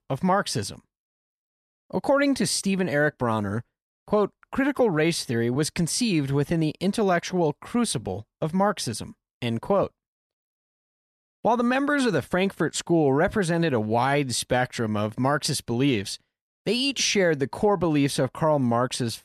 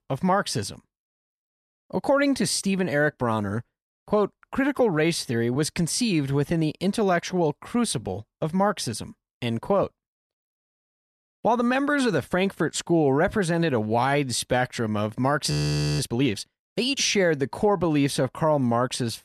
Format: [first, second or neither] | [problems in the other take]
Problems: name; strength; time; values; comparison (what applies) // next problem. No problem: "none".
first | audio freezing; at 16 s